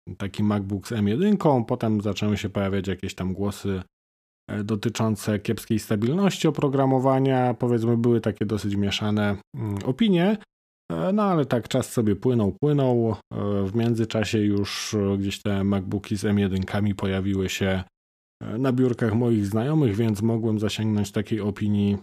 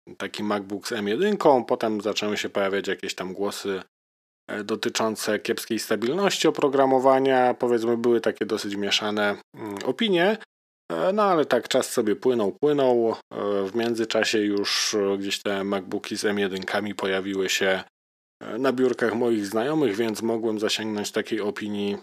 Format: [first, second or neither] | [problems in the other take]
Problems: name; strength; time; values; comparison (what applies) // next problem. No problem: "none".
first | thin; somewhat; fading below 400 Hz